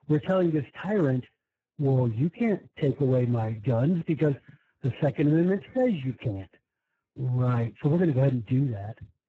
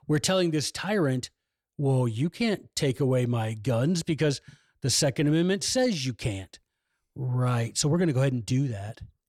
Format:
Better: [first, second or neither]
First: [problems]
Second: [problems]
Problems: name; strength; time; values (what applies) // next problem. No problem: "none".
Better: second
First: garbled, watery; badly; nothing above 16 kHz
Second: none